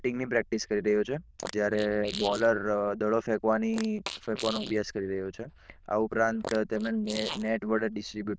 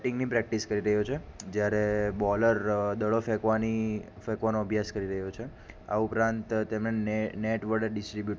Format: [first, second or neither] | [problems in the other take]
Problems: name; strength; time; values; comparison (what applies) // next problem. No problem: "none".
second | noise reduction (neural diffusion model UNIVERSE++)